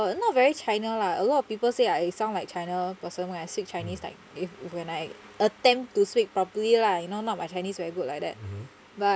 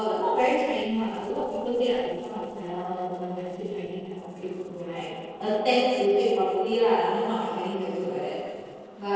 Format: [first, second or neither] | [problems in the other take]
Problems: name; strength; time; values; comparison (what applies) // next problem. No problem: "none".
first | noise reduction (neural separator model SepFormer DNS4)